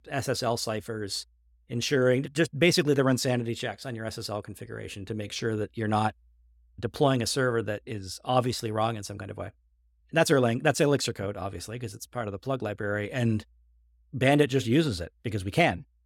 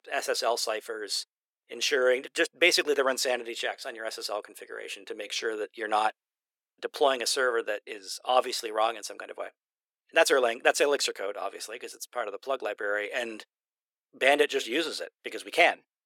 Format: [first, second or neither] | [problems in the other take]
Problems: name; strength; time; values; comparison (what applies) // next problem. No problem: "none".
first | thin; very; fading below 400 Hz